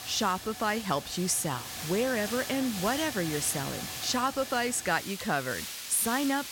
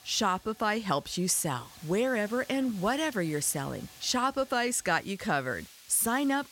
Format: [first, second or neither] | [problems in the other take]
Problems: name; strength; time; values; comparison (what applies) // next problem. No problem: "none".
second | hiss; loud; throughout; 7 dB below the speech; faint in the second